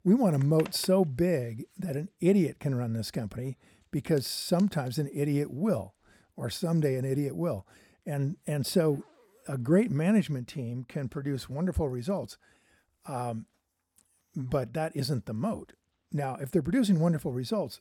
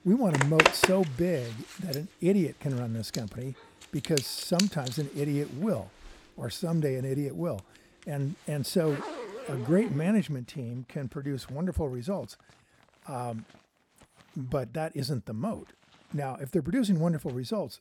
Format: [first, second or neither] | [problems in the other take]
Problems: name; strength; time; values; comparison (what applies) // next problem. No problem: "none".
first | household noises; loud; throughout; as loud as the speech; faint in the first